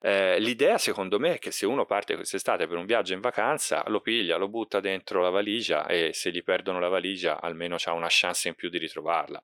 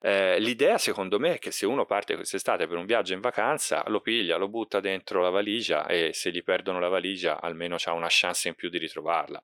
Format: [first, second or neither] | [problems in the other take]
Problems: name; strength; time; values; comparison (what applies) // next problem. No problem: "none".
neither | thin; somewhat; fading below 450 Hz; the same in both